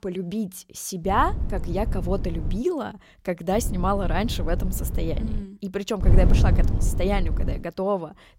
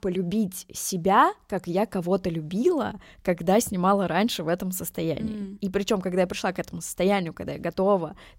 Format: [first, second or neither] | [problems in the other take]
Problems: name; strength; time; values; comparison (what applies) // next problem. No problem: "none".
second | wind noise on the microphone; occasional gusts; from 1 to 2.5 s, from 3.5 to 5.5 s and from 6 to 7.5 s; 10 dB below the speech